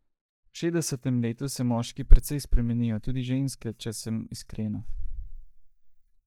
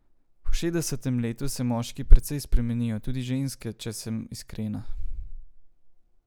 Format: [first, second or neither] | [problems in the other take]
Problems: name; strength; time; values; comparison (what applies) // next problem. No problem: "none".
second | noise reduction (neural mask model DeepFilterNet 3)